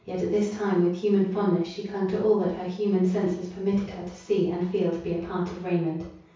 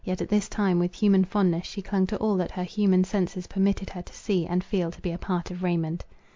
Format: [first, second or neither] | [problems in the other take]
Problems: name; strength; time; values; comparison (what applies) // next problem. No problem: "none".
second | room echo; dies away in 0.6 s